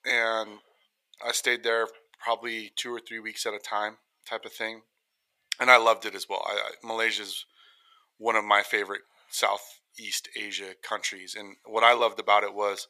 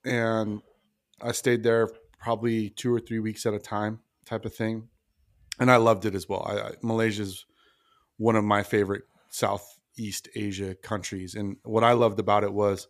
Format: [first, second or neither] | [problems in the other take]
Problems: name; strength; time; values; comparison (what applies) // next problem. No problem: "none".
second | thin; very; fading below 750 Hz